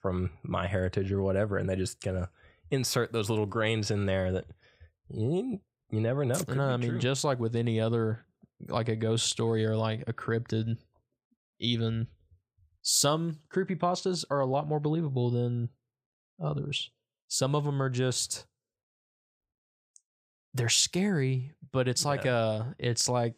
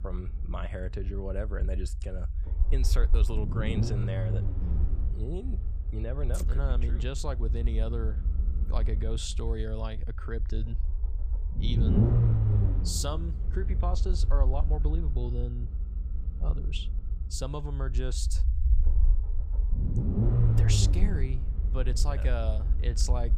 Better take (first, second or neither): first